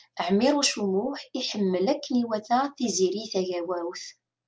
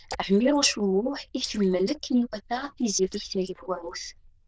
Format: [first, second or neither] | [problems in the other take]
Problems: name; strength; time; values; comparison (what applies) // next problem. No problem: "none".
first | noise reduction (neural diffusion model UNIVERSE++)